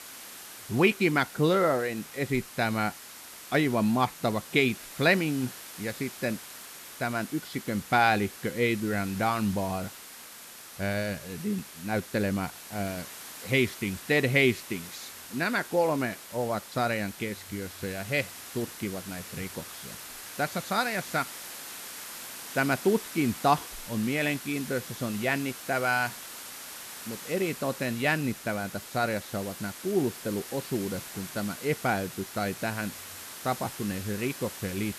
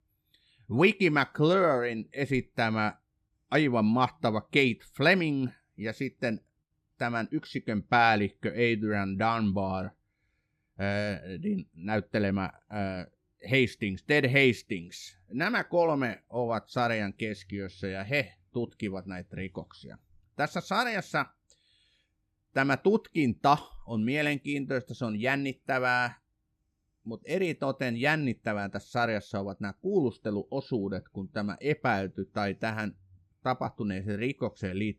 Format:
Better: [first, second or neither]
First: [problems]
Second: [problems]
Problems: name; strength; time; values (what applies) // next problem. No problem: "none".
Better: second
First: hiss; noticeable; throughout; 10 dB below the speech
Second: none